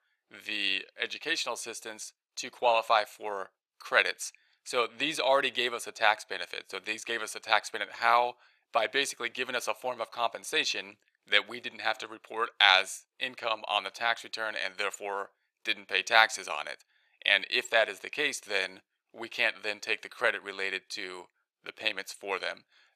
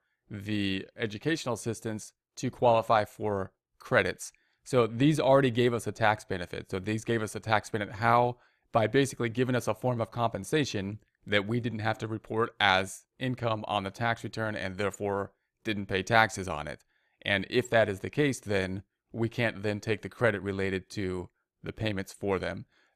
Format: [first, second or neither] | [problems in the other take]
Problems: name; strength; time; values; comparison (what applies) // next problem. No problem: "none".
second | thin; very; fading below 700 Hz